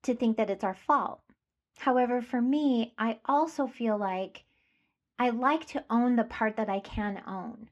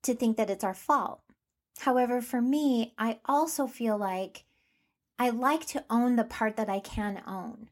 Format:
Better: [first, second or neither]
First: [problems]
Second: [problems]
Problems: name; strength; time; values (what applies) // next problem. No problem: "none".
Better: second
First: muffled; slightly; fading above 3 kHz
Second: none